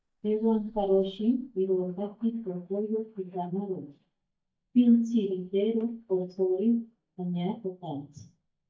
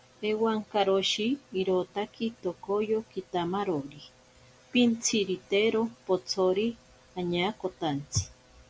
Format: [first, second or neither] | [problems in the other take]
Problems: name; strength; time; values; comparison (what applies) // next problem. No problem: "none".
second | noise reduction (neural mask model DeepFilterNet 3)